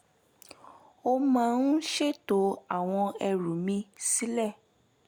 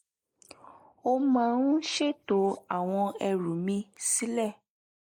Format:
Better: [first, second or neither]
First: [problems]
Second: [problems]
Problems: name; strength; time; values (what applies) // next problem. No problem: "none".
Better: first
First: none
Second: noise reduction (neural mask model Resemble Enhance denoiser)